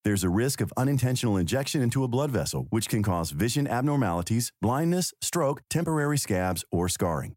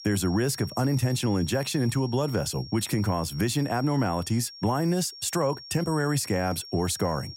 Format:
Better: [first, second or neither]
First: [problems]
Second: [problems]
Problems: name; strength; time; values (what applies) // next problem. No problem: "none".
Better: first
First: none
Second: high-pitched whine; noticeable; throughout; 5.5 kHz, 15 dB below the speech